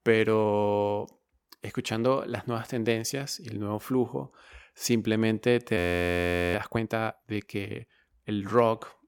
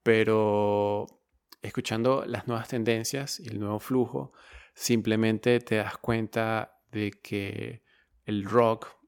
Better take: second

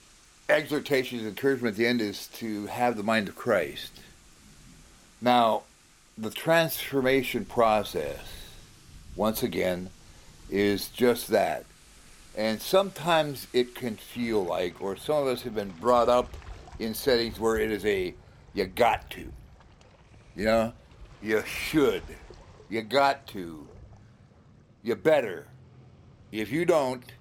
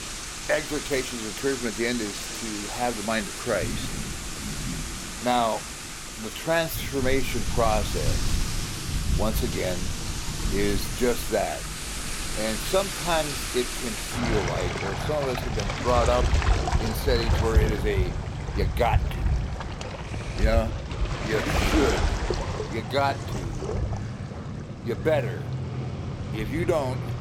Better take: first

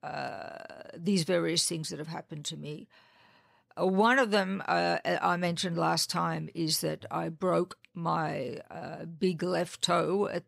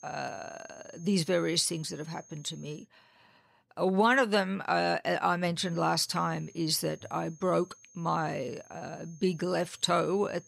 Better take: first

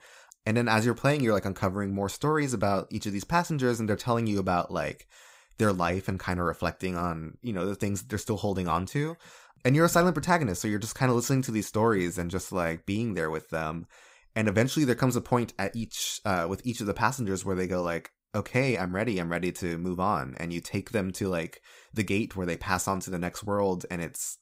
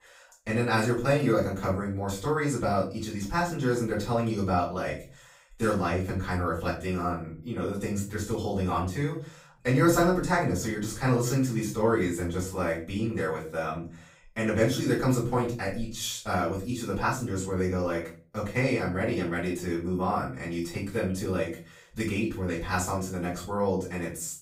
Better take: first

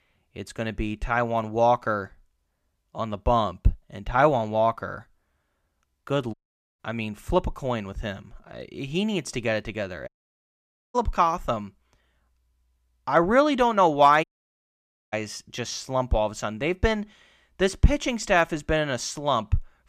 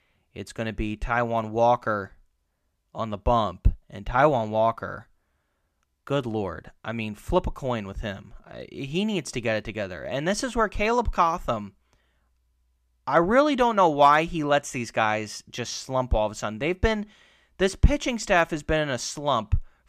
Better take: second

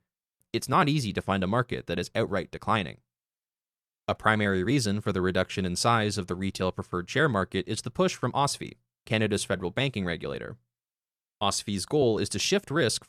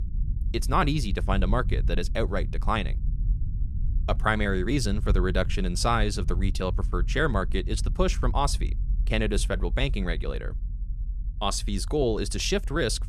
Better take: first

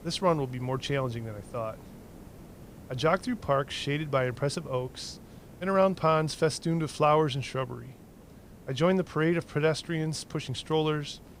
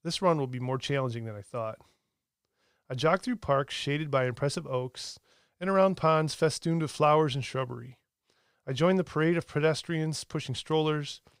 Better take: second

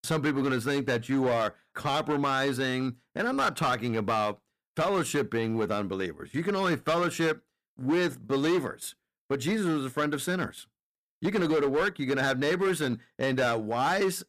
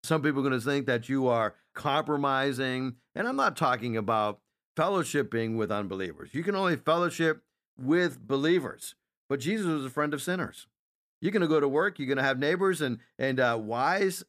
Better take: second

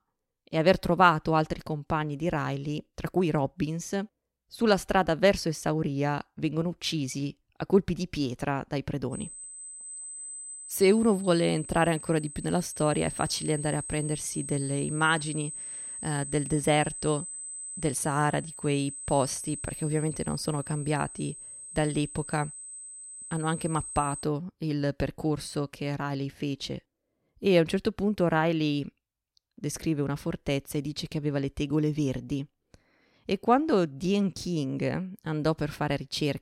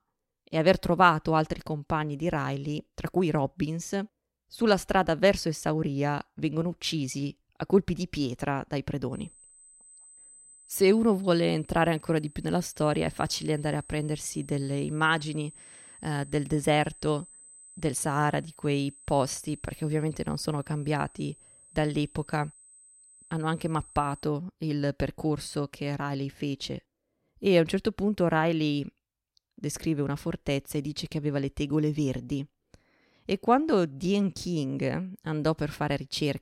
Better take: second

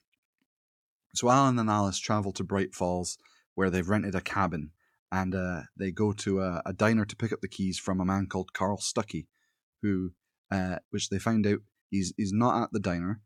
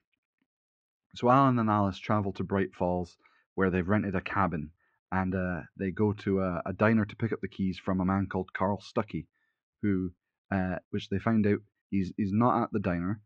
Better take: first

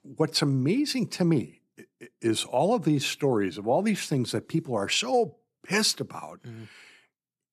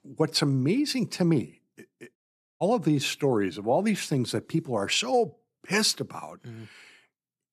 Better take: first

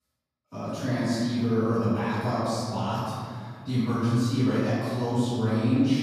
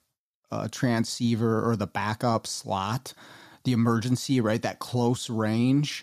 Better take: second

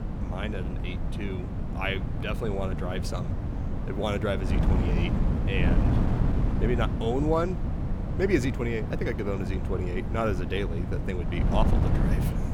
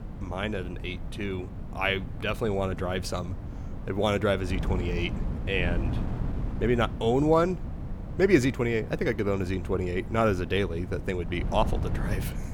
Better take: second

